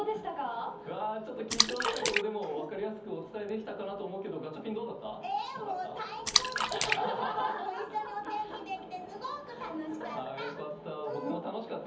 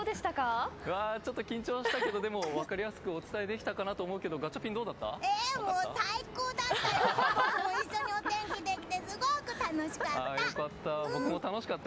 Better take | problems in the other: second | background sound (Splash, splatter); 2 dB above the speech // room echo; dies away in 0.7 s

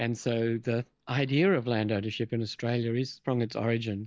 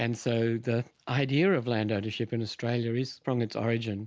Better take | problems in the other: second | noise reduction (neural mask model DeepFilterNet 3)

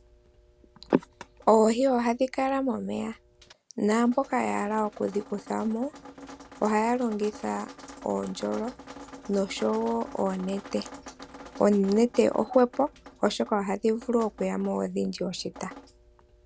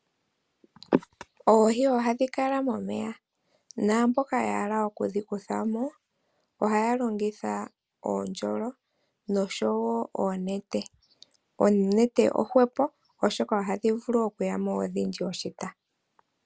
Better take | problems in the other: second | background sound (Drip); 20 dB below the speech

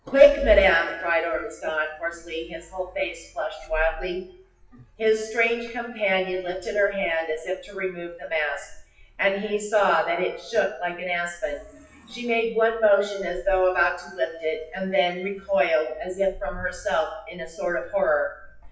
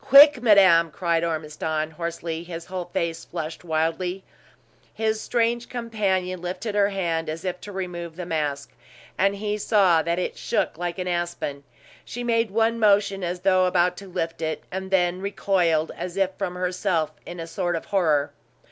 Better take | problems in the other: second | noise reduction (classical method WPE with log-MMSE)

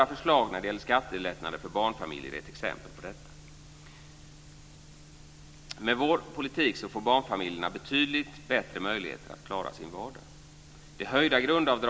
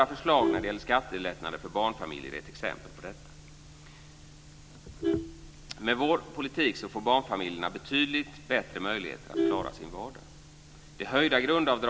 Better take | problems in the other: first | background sound (Vehicle horn, car horn, honking); 8 dB below the speech

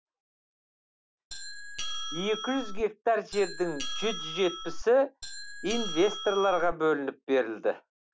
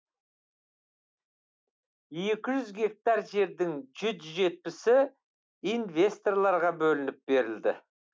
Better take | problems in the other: second | background sound (Doorbell); 5 dB below the speech

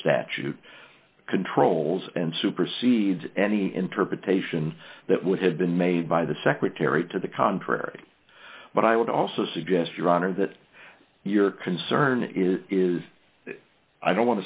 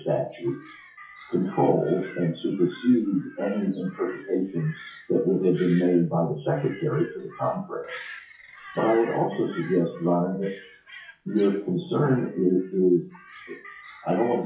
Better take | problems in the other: first | noise reduction (classical method WPE with log-MMSE)

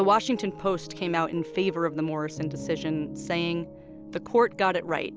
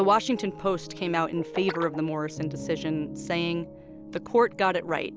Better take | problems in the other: first | background sound (Guitar); 17 dB below the speech

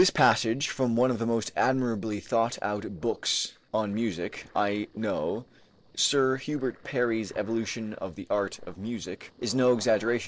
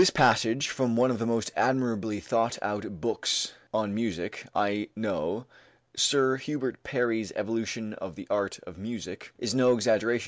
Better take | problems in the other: second | noise reduction (neural separator model SepFormer DNS4)

